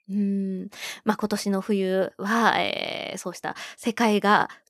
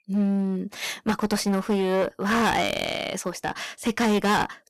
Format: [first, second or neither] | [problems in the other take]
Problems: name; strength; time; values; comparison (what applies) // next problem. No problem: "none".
first | distortion; heavy; 13% of the sound clipped